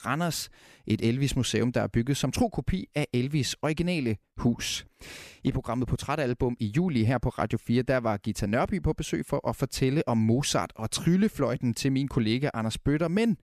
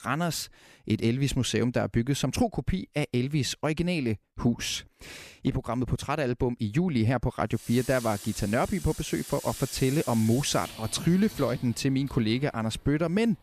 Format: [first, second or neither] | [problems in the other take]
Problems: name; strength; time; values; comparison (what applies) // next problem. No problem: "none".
first | household noises; noticeable; from 7.5 s on; 15 dB below the speech